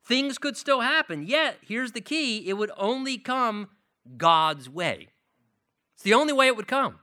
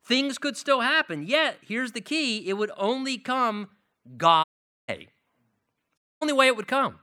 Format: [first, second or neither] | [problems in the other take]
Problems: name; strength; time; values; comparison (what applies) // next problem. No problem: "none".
first | audio cutting out; at 4.5 s and at 6 s